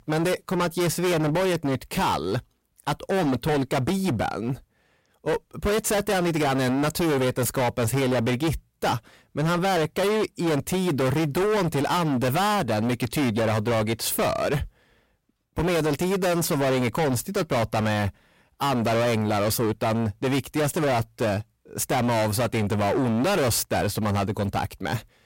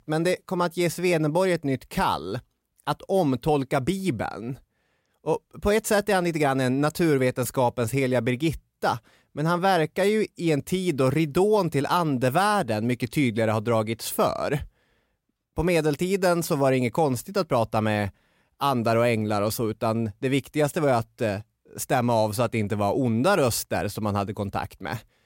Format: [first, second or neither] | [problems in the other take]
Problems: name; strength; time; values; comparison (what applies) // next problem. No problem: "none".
second | distortion; heavy; 29% of the sound clipped